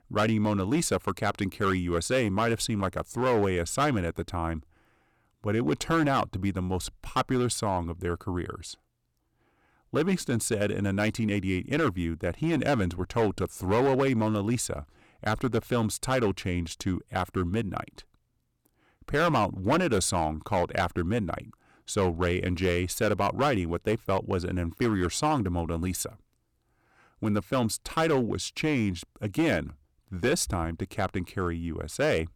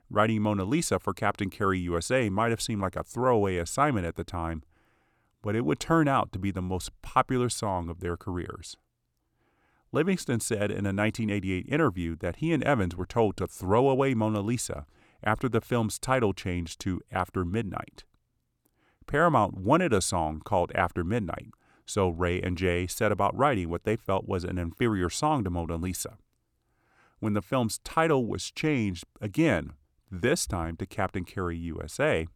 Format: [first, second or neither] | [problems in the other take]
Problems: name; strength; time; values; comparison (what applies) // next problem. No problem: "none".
second | distortion; slight; 5% of the sound clipped